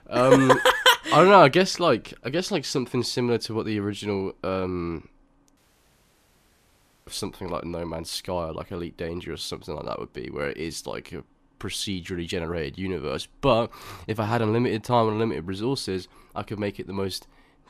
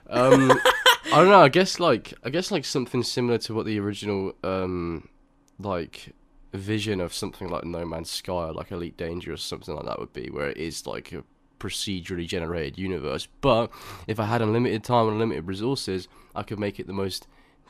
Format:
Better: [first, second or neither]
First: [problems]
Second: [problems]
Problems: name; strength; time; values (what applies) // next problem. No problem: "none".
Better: second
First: audio cutting out; at 5.5 s for 1.5 s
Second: none